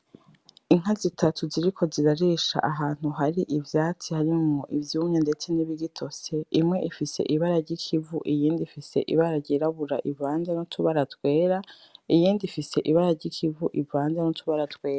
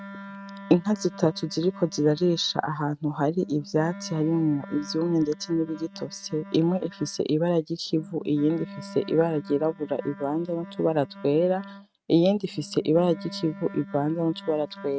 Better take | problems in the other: first | noise reduction (neural mask model RNNoise)

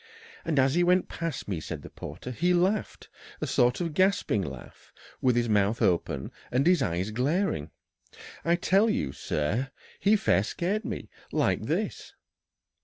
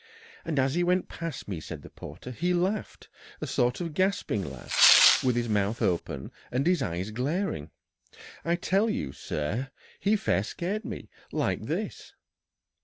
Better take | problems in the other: first | background sound (Tearing); 2 dB above the speech

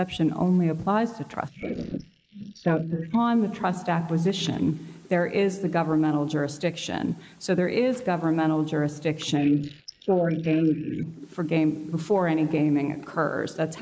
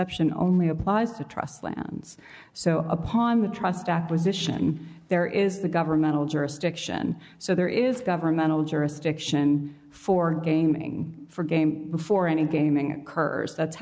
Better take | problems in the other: second | noise reduction (neural mask model Resemble Enhance denoiser)

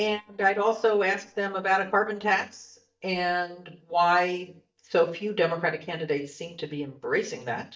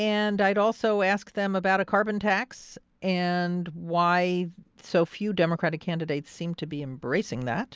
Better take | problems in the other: second | noise reduction (neural mask model DeepFilterNet 3)

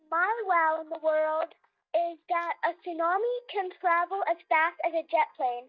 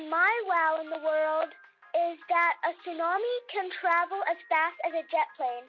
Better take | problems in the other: second | noise reduction (neural mask model DeepFilterNet 3)

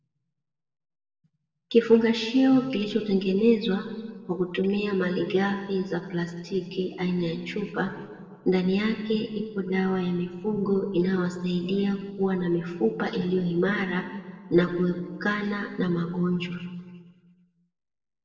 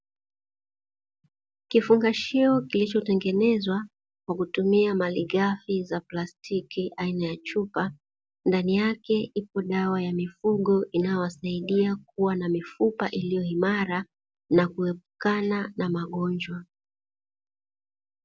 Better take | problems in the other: second | noise reduction (neural separator model SepFormer DNS4)

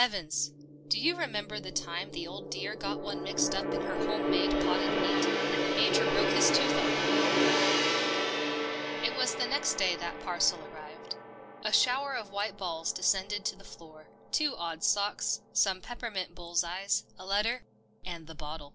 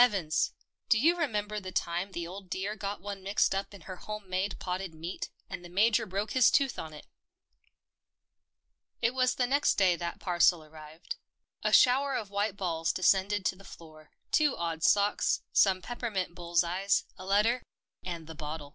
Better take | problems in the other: second | background sound (Gong); 1 dB above the speech

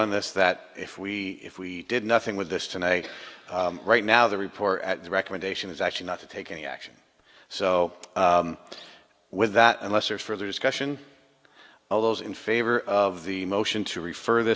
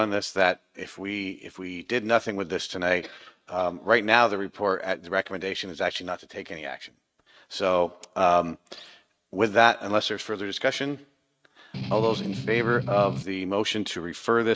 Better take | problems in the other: first | noise reduction (neural mask model RNNoise)

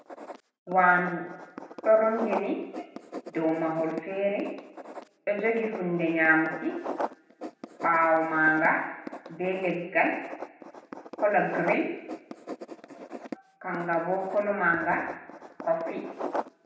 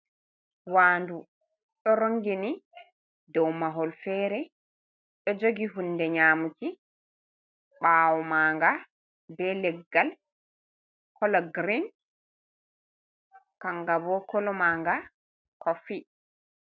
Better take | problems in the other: second | background sound (Writing); 11 dB below the speech // room echo; dies away in 0.9 s

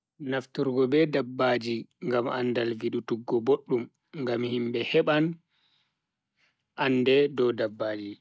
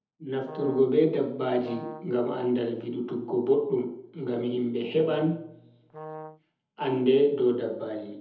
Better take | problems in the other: first | background sound (Brass instrument); 15 dB below the speech // room echo; dies away in 0.7 s

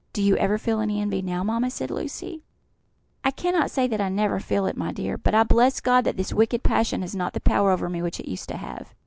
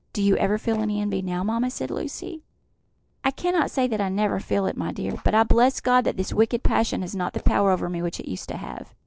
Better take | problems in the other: first | noise reduction (neural separator model SepFormer DNS4)

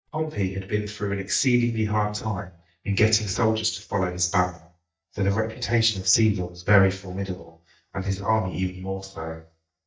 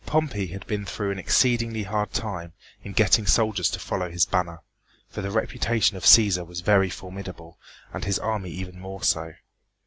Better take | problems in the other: second | noise reduction (neural mask model DeepFilterNet 3)

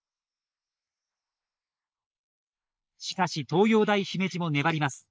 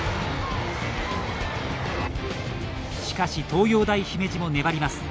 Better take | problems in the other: second | noise reduction (neural mask model Resemble Enhance denoiser)

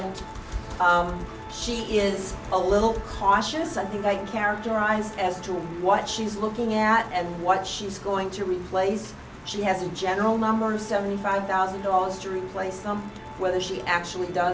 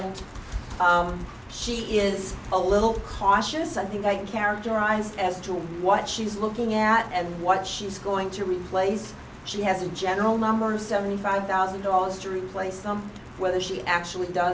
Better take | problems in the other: second | background sound (Glass + Musical instrument); 18 dB below the speech

